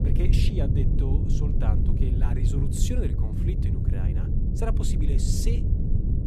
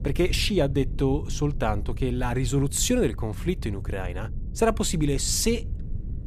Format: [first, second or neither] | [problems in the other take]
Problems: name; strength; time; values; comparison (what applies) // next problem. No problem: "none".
second | low rumble; loud; throughout; as loud as the speech; faint in the second